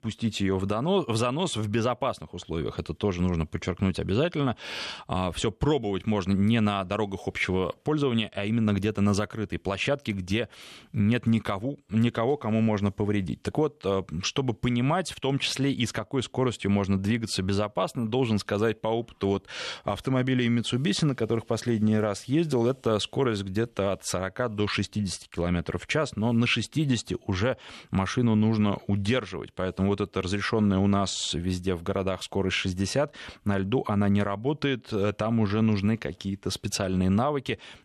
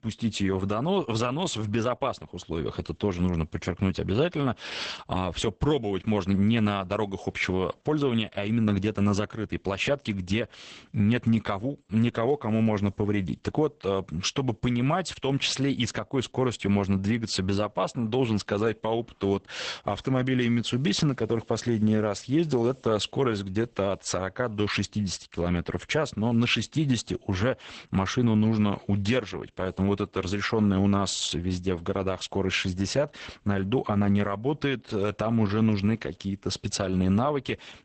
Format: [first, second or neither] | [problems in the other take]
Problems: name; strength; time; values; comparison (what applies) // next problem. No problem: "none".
first | garbled, watery; badly; nothing above 8 kHz